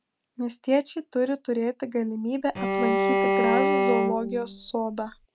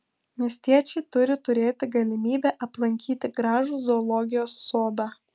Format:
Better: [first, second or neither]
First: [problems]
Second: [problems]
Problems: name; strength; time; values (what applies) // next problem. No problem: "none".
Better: second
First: background sound (Bowed string instrument); 3 dB above the speech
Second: none